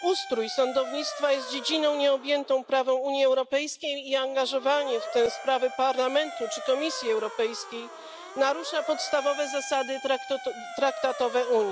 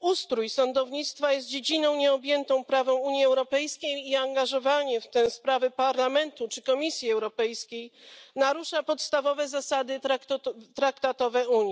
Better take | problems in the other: second | background sound (Motor vehicle (road) / Siren); 12 dB below the speech

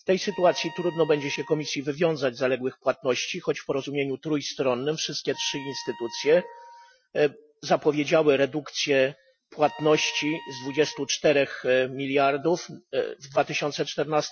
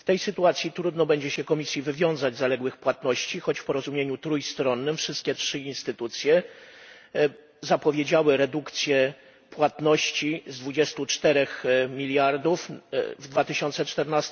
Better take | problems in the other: second | noise reduction (classical method Wiener filter)

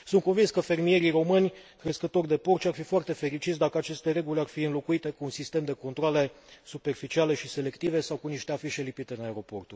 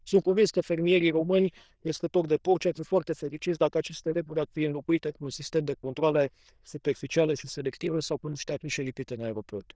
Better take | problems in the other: first | noise reduction (neural diffusion model UNIVERSE++)

